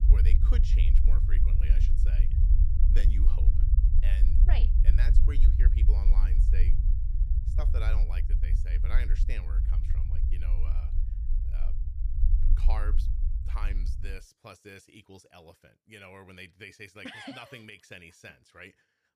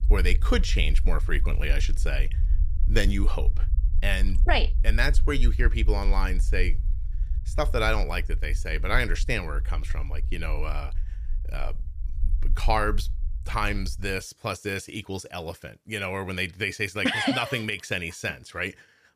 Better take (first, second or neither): second